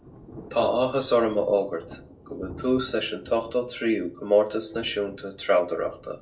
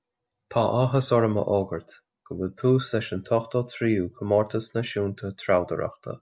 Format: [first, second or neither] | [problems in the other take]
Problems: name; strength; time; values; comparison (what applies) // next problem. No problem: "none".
second | background sound (Thunder / Rain); 20 dB below the speech // room echo; dies away in 0.2 s